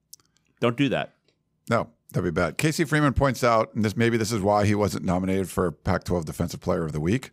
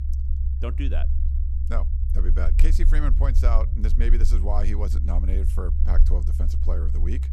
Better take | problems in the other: first | low rumble; loud; throughout; 7 dB below the speech

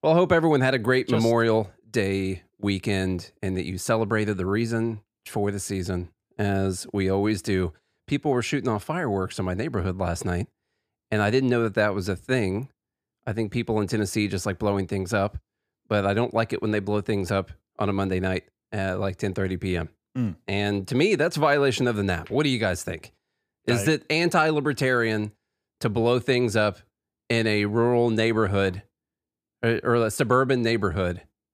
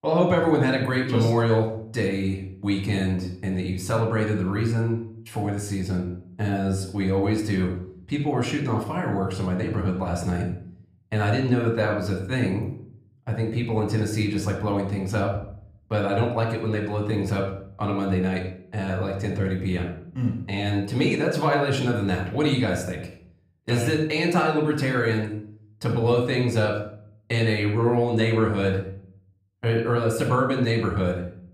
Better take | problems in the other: first | off-mic speech; somewhat distant // room echo; slight; dies away in 0.5 s

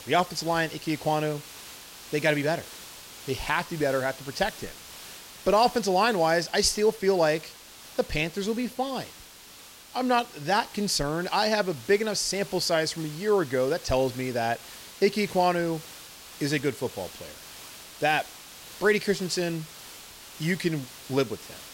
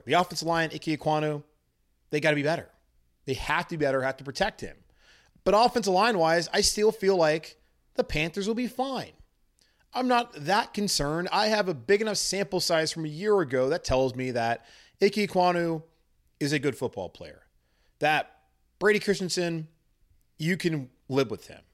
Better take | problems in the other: second | hiss; noticeable; throughout; 15 dB below the speech

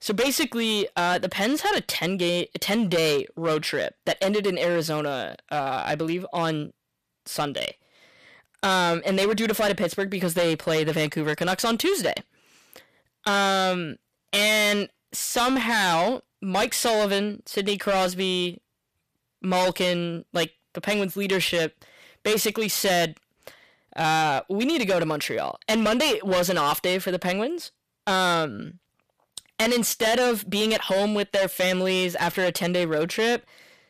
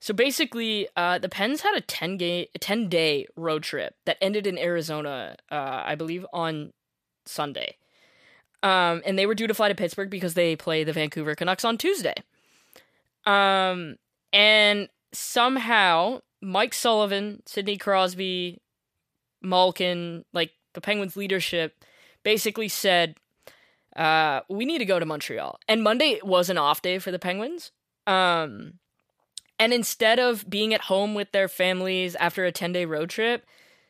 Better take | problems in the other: second | distortion; heavy; 13% of the sound clipped

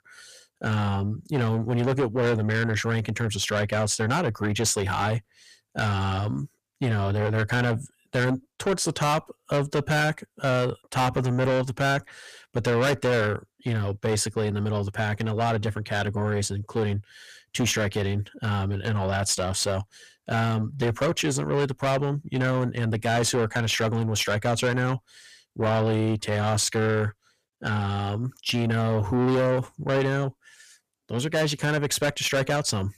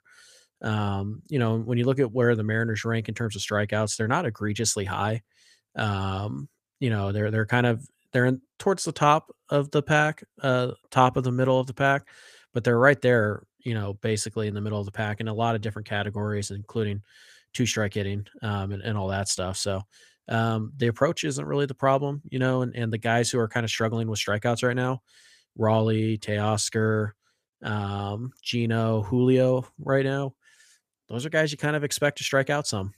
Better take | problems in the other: second | distortion; heavy; 6 dB below the speech

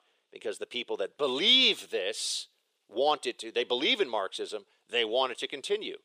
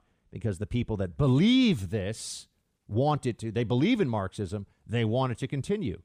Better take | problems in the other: second | thin; very; fading below 400 Hz

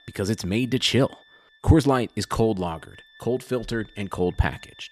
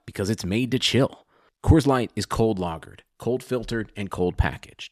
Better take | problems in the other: second | background music; faint; throughout; 30 dB below the speech

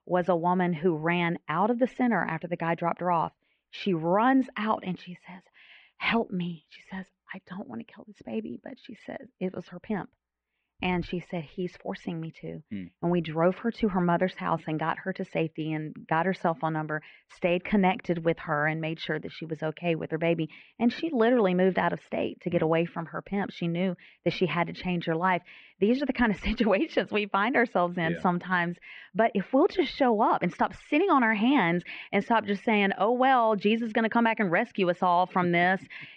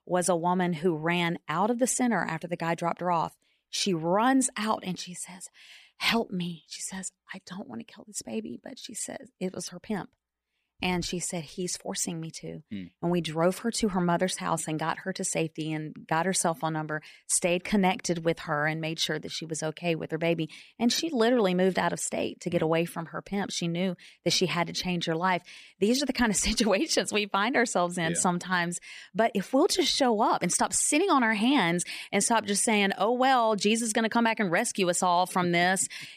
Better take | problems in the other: second | muffled; very; fading above 3 kHz

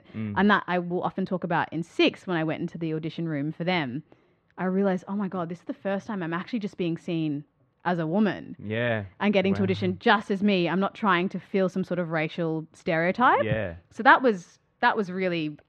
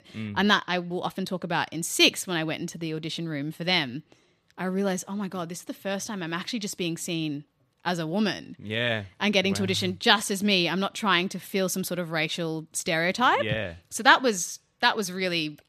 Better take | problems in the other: second | muffled; very; fading above 1.5 kHz

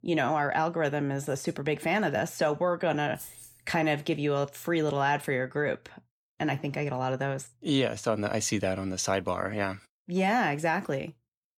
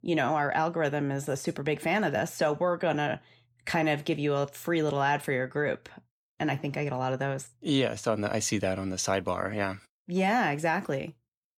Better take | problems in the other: second | jangling keys; faint; at 3 s; peak 15 dB below the speech

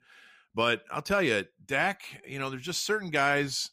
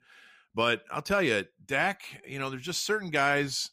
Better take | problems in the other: neither | none

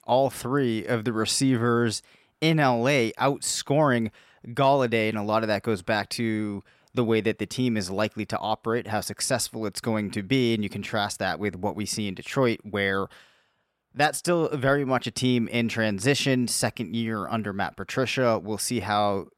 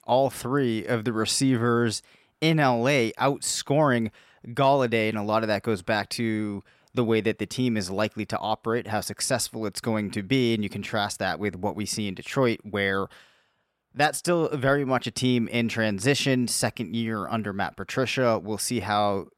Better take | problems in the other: neither | none

